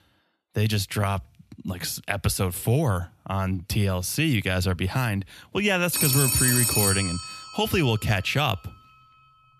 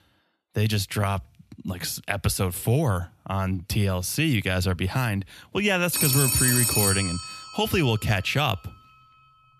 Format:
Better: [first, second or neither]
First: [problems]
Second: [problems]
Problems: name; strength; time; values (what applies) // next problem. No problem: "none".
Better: neither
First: phone ringing; loud; from 6 to 7.5 s; peak 5 dB above the speech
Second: phone ringing; loud; from 6 to 7.5 s; peak 5 dB above the speech